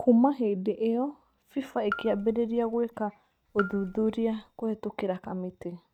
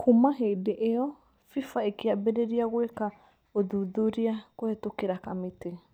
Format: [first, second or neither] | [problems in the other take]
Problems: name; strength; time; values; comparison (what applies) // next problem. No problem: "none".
second | noise reduction (neural mask model RNNoise)